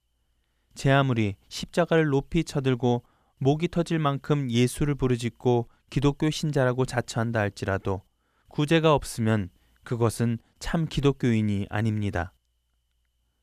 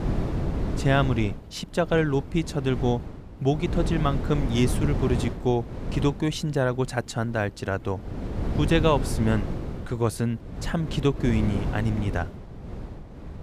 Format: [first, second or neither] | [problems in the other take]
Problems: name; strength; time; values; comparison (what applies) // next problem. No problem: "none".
first | wind noise on the microphone; heavy; 9 dB below the speech